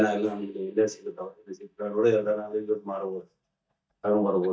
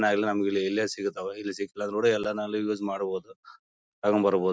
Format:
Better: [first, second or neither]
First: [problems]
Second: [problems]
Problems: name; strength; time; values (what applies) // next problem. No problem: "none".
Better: second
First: noise reduction (neural mask model DeepFilterNet 3)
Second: none